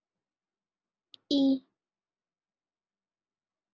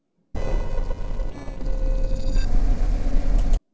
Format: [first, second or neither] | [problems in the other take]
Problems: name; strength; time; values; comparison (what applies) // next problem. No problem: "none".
first | noise reduction (neural separator model SepFormer DNS4)